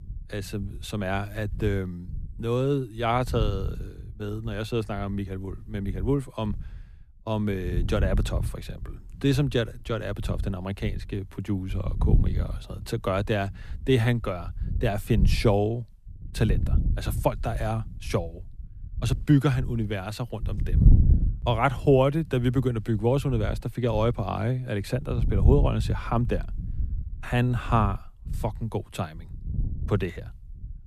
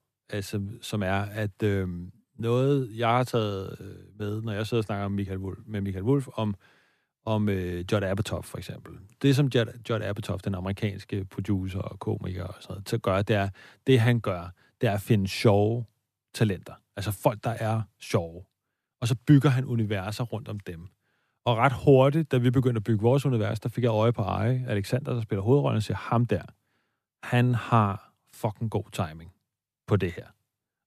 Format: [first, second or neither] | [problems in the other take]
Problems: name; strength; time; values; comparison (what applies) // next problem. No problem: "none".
second | wind noise on the microphone; occasional gusts; 15 dB below the speech